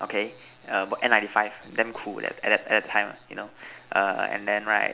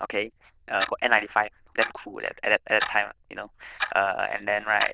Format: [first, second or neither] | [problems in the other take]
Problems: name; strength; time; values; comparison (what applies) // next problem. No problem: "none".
first | noise reduction (neural diffusion model UNIVERSE++)